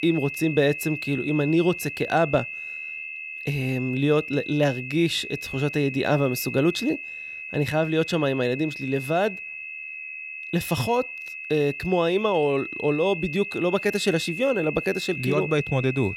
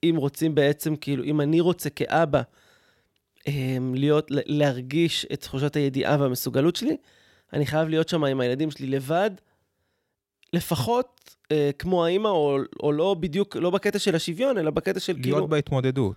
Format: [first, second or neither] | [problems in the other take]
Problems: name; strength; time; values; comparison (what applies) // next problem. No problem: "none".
second | high-pitched whine; loud; throughout; 2.5 kHz, 8 dB below the speech